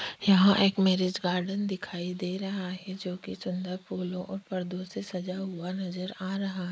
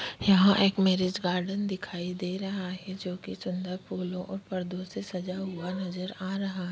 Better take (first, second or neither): second